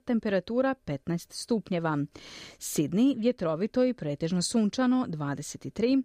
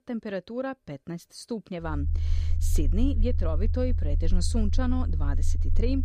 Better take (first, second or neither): first